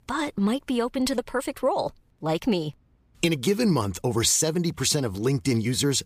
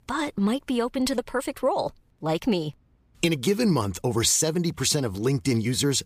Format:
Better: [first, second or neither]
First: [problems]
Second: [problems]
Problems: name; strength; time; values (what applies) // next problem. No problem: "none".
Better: neither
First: none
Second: none